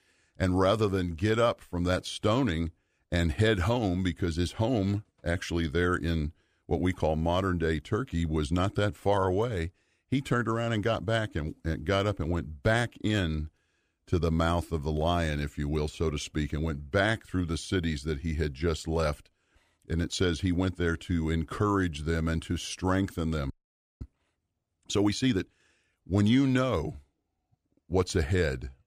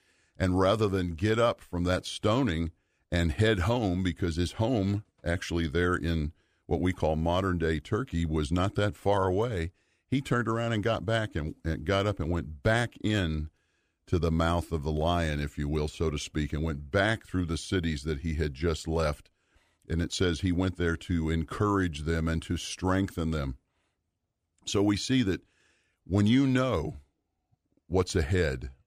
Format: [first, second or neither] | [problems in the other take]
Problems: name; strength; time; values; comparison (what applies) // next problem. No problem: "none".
second | audio freezing; at 24 s for 0.5 s